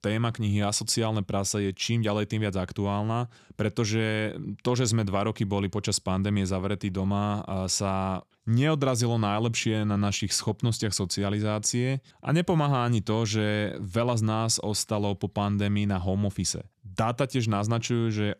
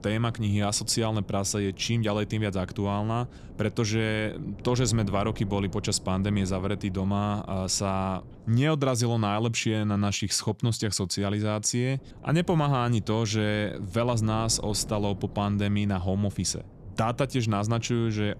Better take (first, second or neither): first